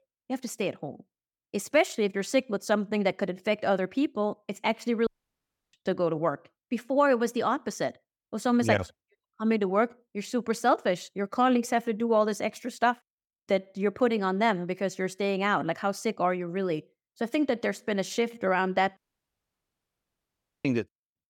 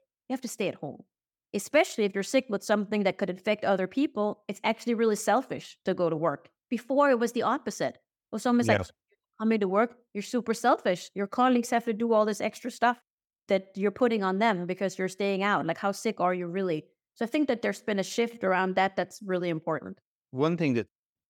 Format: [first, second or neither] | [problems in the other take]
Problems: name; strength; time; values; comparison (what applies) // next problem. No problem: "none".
second | audio cutting out; at 5 s for 0.5 s and at 19 s for 1.5 s